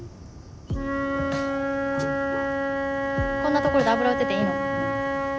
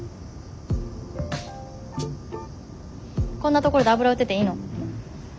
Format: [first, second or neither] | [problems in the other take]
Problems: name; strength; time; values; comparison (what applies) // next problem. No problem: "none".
second | background sound (Wind instrument, woodwind instrument); 2 dB above the speech